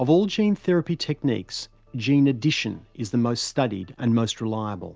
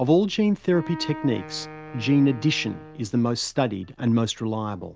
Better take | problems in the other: first | background sound (Wind instrument, woodwind instrument); 16 dB below the speech

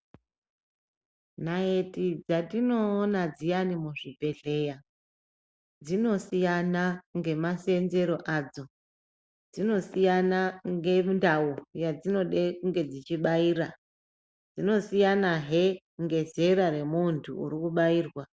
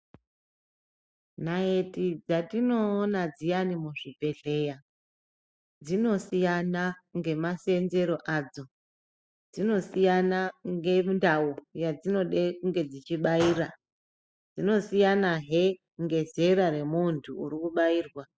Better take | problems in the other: first | noise reduction (classical method spectral subtraction)

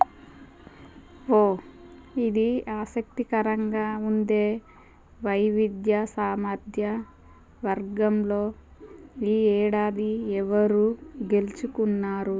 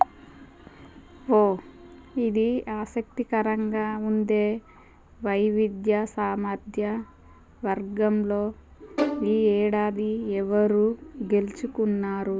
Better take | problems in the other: first | background sound (Bowed string instrument); 8 dB below the speech

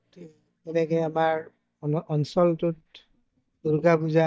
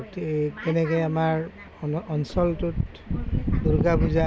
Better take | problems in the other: second | noise reduction (neural mask model DeepFilterNet 3)

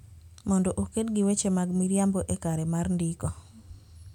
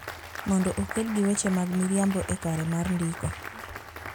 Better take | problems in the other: first | background sound (Applause); 12 dB below the speech

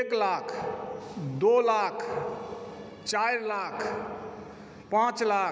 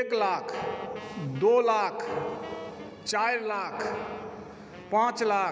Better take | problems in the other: first | background sound (Wind instrument, woodwind instrument); 18 dB below the speech

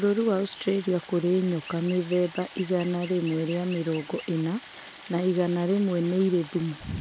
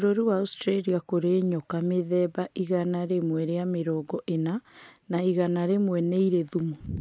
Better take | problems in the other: second | background sound (Stream + Chirp, tweet); 19 dB below the speech

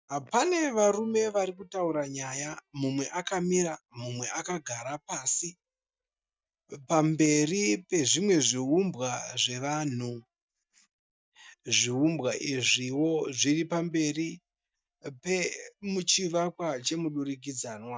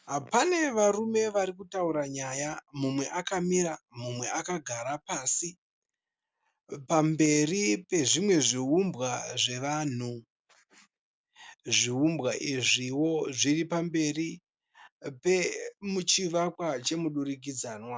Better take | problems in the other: second | noise reduction (neural mask model DeepFilterNet 3)

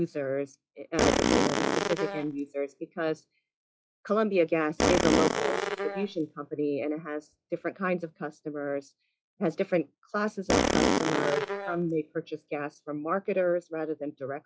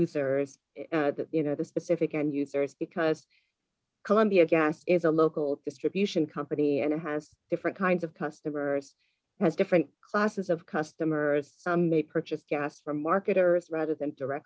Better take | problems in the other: second | noise reduction (classical method log-MMSE)

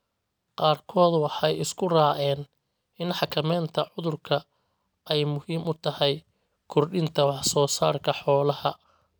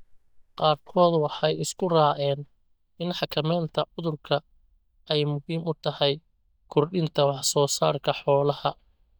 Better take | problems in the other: first | noise reduction (neural mask model DeepFilterNet 3)

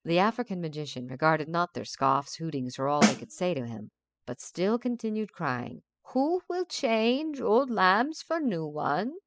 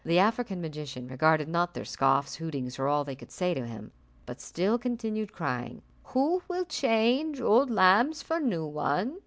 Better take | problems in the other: second | noise reduction (classical method spectral subtraction)

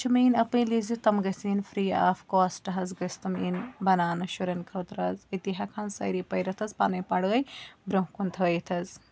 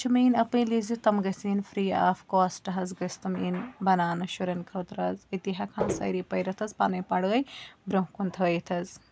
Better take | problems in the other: first | background sound (Walk, footsteps); 2 dB below the speech

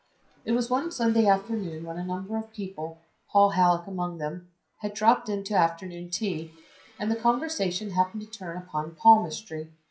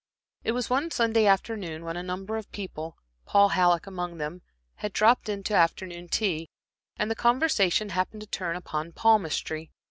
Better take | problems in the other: second | noise reduction (classical method WPE with log-MMSE)

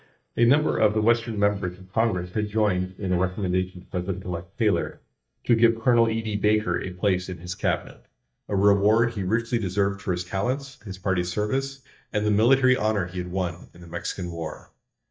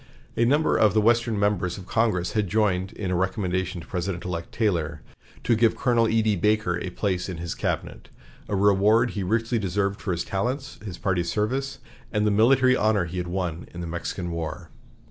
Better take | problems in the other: second | noise reduction (neural mask model DeepFilterNet 3)

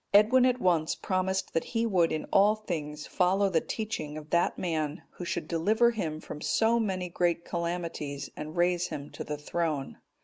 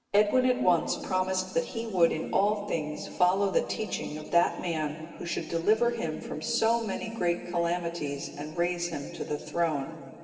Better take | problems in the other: first | room echo; dies away in 2.4 s

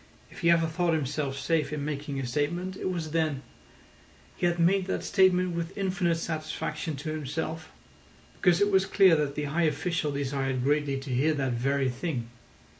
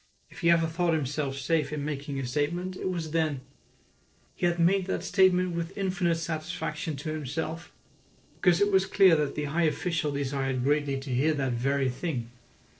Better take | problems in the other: first | noise reduction (neural separator model SepFormer DNS4)

